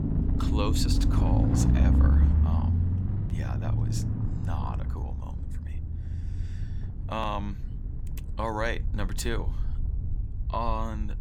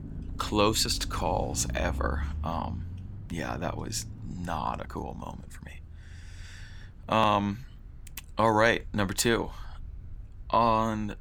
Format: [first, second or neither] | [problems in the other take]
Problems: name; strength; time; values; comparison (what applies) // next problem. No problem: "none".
second | low rumble; loud; throughout; 5 dB below the speech; faint in the second